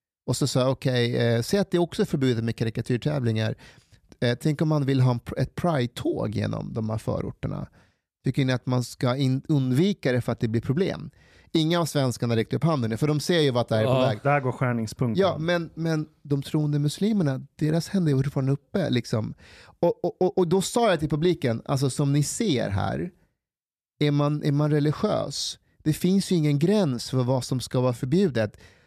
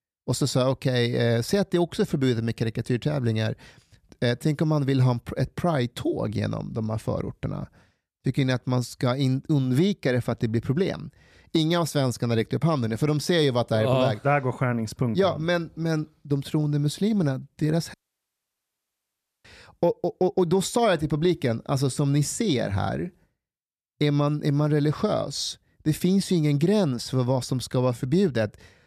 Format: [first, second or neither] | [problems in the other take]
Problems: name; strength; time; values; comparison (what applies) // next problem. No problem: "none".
first | audio cutting out; at 18 s for 1.5 s